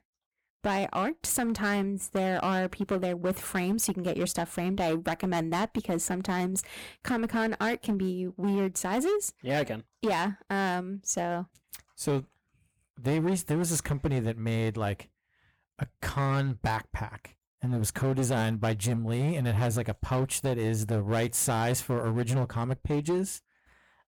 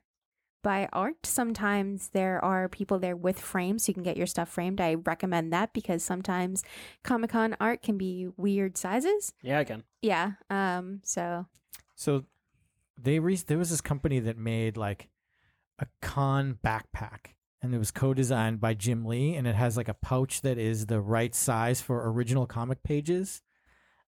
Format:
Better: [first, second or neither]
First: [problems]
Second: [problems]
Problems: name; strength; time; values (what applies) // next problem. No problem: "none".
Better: second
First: distortion; slight; 11% of the sound clipped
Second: none